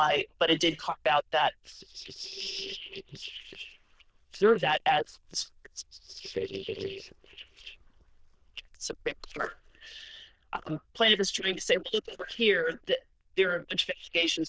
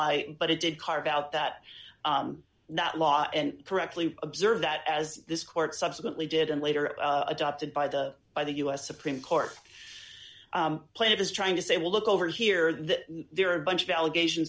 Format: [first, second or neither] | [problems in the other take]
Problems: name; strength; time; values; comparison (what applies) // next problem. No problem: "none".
second | noise reduction (neural diffusion model UNIVERSE++)